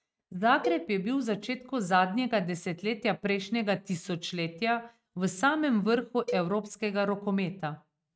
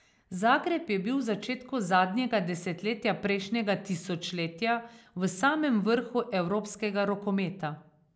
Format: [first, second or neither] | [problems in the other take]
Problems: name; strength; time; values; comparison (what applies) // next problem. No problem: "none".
second | noise reduction (neural mask model RNNoise)